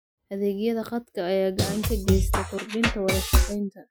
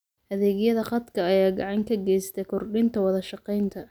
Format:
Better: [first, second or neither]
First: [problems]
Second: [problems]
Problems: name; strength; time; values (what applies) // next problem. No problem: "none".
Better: second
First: noise reduction (classical method Wiener filter)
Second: none